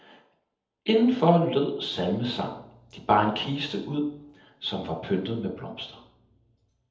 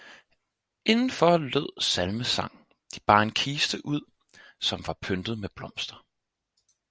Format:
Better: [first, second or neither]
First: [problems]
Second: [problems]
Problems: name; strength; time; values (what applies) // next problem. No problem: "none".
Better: second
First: room echo; dies away in 0.7 s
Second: none